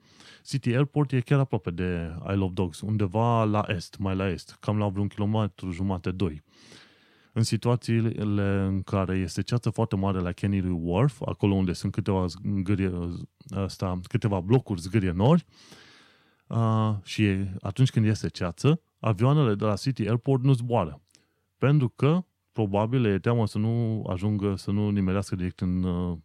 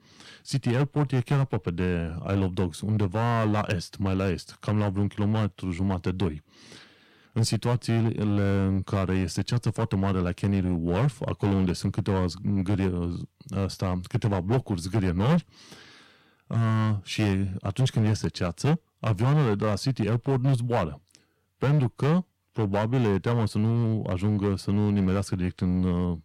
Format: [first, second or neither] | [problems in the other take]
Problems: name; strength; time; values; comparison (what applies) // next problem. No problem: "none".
first | distortion; slight; 8% of the sound clipped